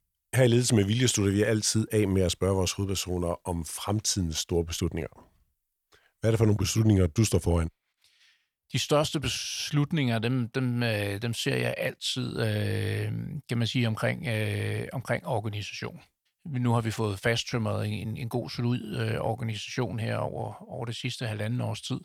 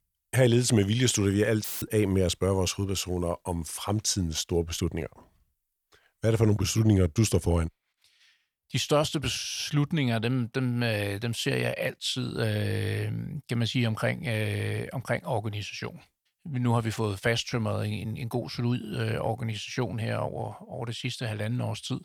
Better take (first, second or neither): first